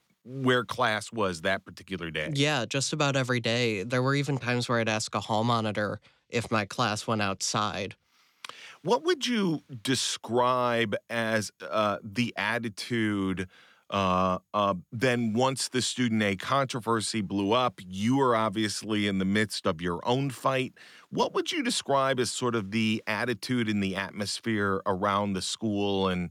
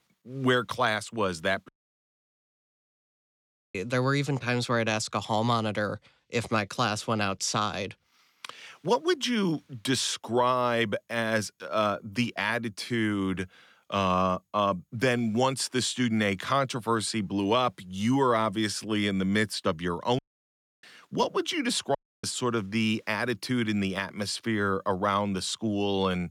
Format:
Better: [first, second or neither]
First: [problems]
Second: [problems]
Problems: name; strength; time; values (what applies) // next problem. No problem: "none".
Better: first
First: none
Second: audio cutting out; at 1.5 s for 2 s, at 20 s for 0.5 s and at 22 s